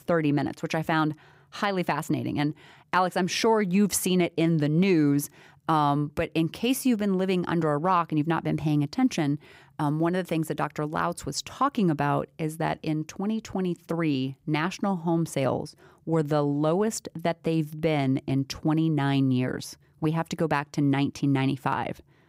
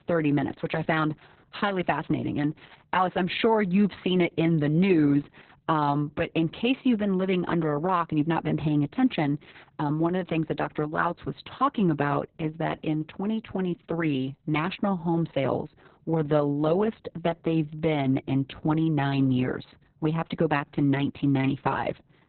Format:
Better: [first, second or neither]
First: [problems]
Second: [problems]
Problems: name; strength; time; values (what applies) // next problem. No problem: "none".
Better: first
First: none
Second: garbled, watery; badly; nothing above 4 kHz